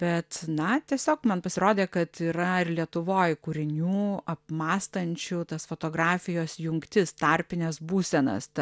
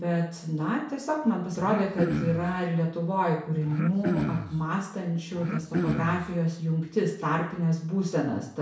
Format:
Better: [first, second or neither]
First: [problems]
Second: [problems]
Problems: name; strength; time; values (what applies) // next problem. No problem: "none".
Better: first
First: none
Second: background sound (Cough); 4 dB below the speech // room echo; dies away in 0.6 s